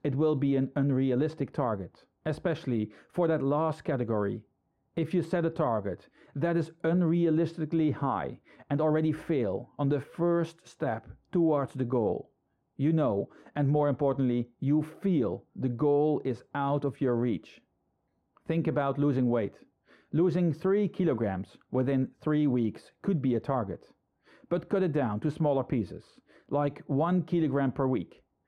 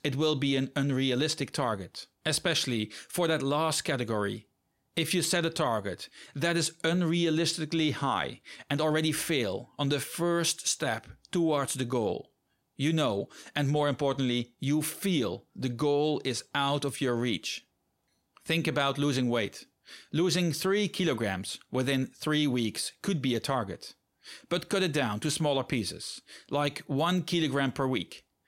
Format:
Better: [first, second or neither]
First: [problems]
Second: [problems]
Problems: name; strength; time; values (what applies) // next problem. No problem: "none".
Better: second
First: muffled; very; fading above 2 kHz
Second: none